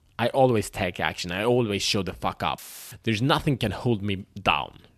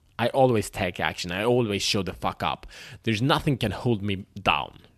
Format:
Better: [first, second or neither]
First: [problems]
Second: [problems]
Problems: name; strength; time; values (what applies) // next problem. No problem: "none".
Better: second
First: audio cutting out; filled with static; at 2.5 s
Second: none